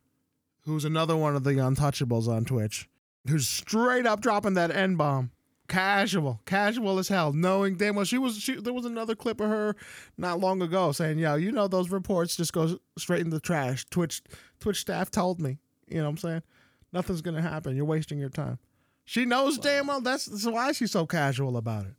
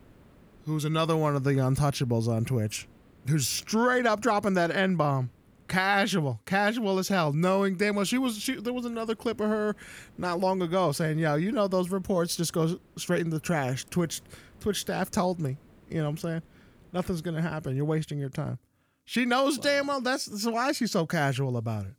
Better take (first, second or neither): first